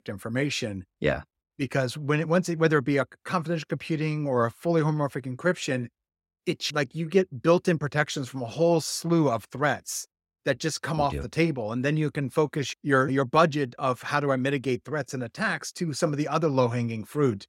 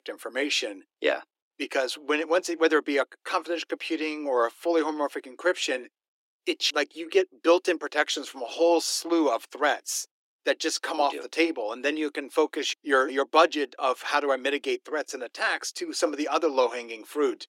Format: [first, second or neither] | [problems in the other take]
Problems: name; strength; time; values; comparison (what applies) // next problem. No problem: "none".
first | thin; somewhat; fading below 300 Hz